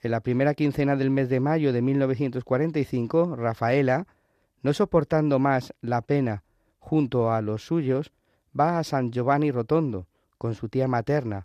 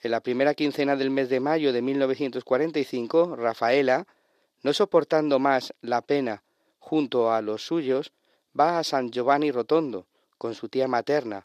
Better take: first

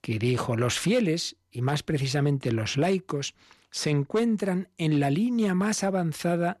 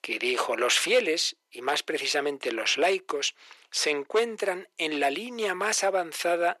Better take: first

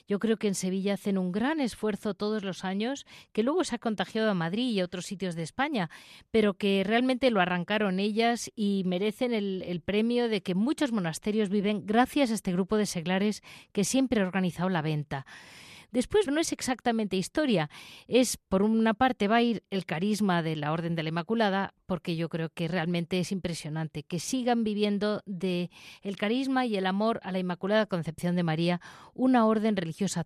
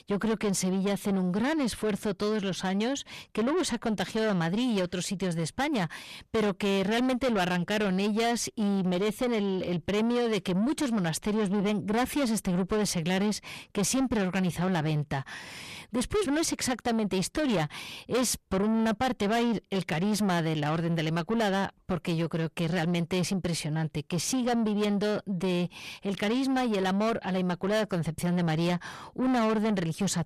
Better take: first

